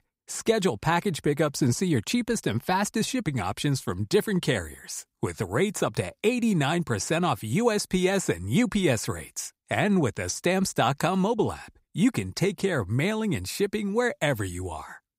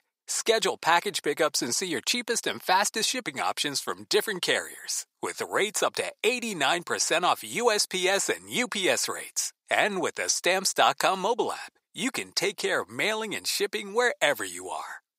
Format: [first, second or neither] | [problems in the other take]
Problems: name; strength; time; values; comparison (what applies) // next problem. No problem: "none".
first | thin; very; fading below 550 Hz